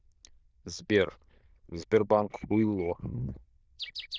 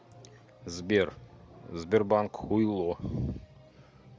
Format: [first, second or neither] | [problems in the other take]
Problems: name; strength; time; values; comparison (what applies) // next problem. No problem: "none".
second | noise reduction (neural diffusion model UNIVERSE++)